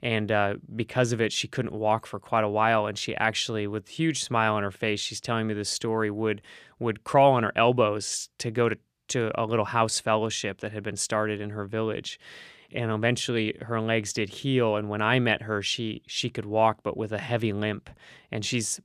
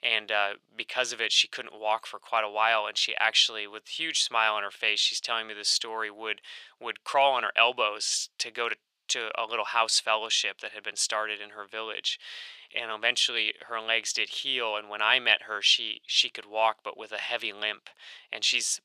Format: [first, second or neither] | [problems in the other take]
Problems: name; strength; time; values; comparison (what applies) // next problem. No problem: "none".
first | thin; very; fading below 800 Hz